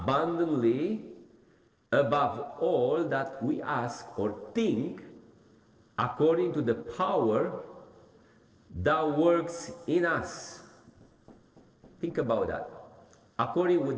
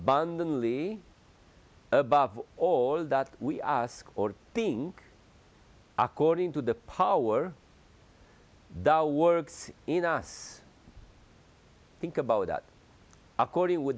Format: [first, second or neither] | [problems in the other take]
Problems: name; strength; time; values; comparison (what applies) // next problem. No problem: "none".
second | noise reduction (neural separator model SepFormer DNS4)